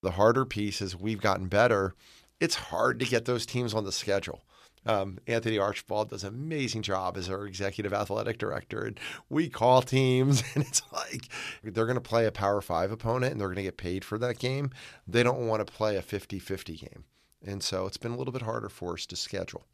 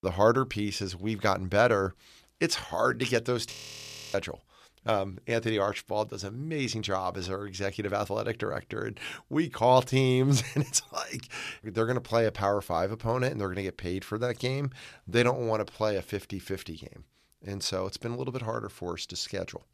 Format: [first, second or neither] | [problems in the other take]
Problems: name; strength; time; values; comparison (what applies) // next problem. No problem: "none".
first | audio freezing; at 3.5 s for 0.5 s